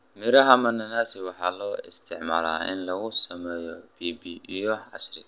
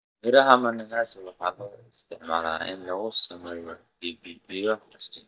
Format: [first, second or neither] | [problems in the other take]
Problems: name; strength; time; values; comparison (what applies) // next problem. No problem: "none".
first | noise reduction (neural mask model DeepFilterNet 3)